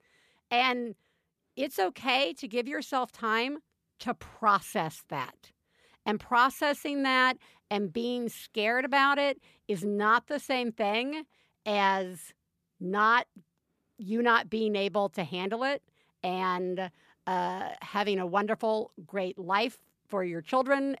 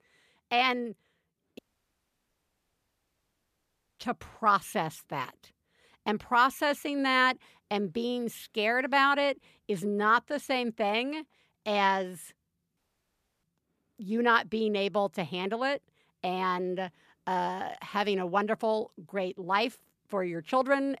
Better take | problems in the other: first | audio cutting out; at 1.5 s for 2.5 s and at 13 s for 0.5 s

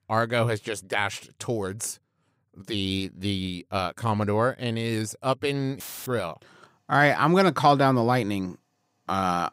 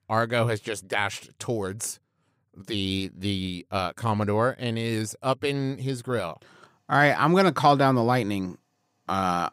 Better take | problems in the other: second | audio cutting out; filled with static; at 6 s

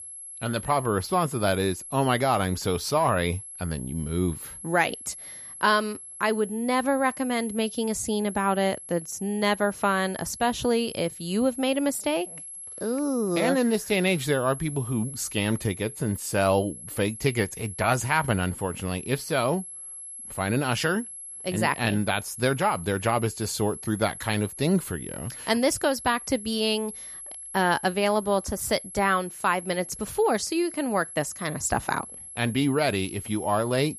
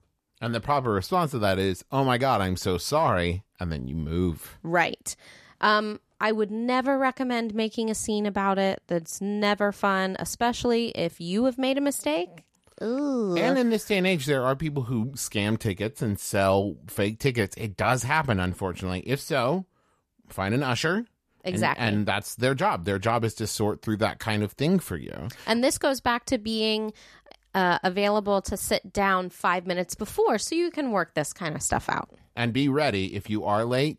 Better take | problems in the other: second | high-pitched whine; noticeable; throughout; 11 kHz, 10 dB below the speech

